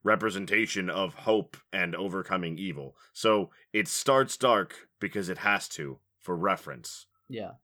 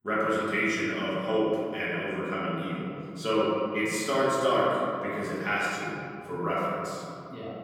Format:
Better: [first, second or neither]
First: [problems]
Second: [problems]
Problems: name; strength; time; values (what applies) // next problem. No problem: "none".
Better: first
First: none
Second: room echo; strong; dies away in 2.6 s // off-mic speech; far